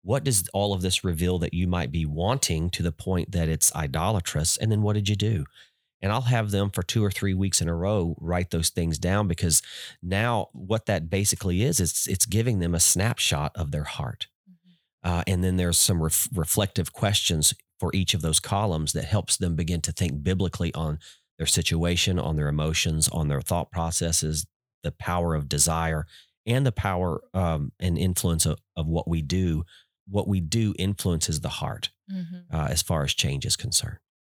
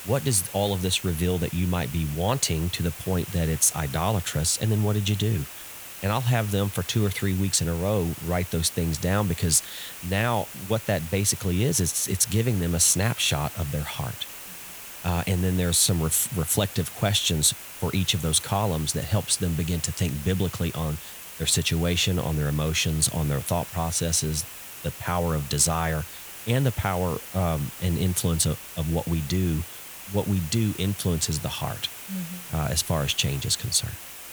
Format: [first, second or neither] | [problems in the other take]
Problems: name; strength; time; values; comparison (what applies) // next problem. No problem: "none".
first | hiss; noticeable; throughout; 10 dB below the speech